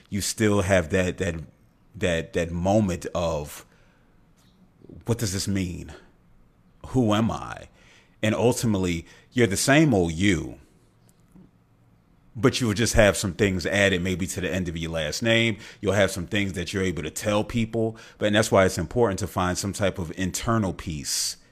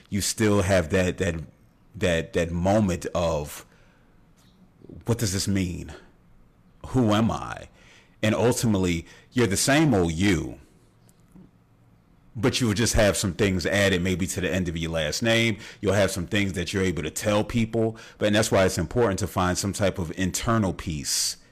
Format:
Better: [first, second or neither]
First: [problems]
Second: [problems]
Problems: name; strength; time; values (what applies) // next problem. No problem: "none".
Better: first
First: none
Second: distortion; slight; 4% of the sound clipped